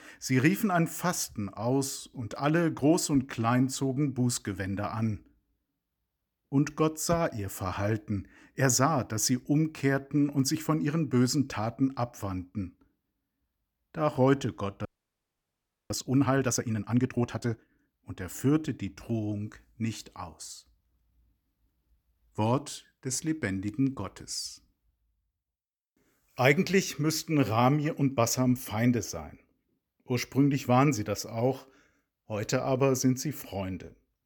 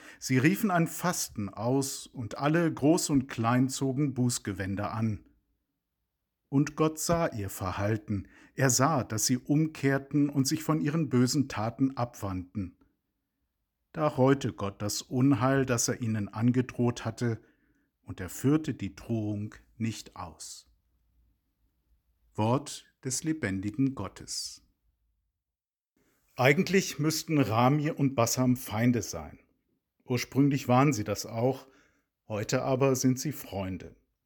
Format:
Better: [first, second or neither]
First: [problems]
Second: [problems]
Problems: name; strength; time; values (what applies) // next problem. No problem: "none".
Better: second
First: audio freezing; at 15 s for 1 s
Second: none